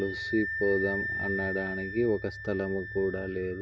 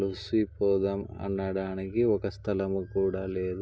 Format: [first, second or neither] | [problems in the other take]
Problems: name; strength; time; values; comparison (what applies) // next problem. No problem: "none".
second | background sound (Wind instrument, woodwind instrument); 5 dB below the speech